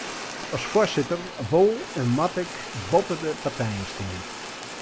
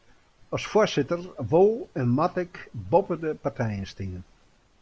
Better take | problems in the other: second | background sound (Fire); 10 dB below the speech

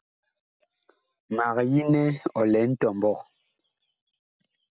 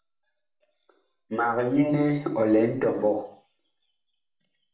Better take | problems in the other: first | room echo; dies away in 0.5 s

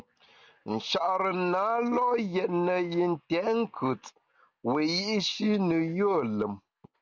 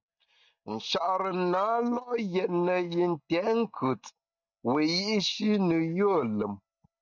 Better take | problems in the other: first | noise reduction (neural mask model DeepFilterNet 3)

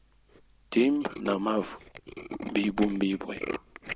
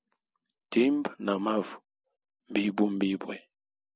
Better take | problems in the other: second | background sound (Tools); 11 dB below the speech

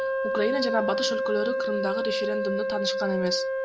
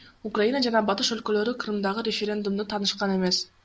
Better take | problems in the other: second | background sound (Wind instrument, woodwind instrument); 2 dB above the speech

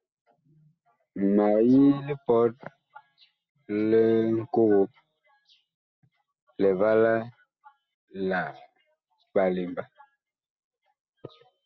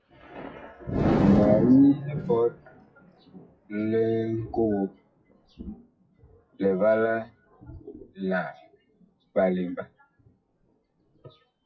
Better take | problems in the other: first | noise reduction (classical method WPE with log-MMSE)

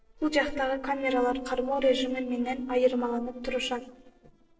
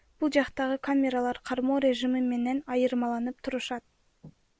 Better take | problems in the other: second | noise reduction (neural separator model SepFormer DNS4)

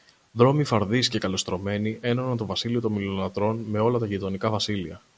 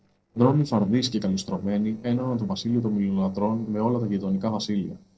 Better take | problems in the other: first | noise reduction (neural separator model SepFormer DNS4)

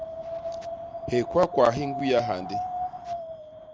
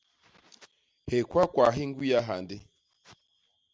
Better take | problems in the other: second | background sound (Wind); 6 dB below the speech

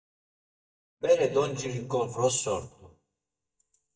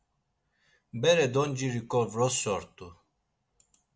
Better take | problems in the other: second | noise reduction (neural mask model DeepFilterNet 3)

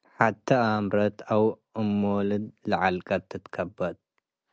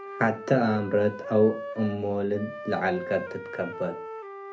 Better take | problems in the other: first | background sound (Wind instrument, woodwind instrument); 11 dB below the speech // room echo; dies away in 0.3 s

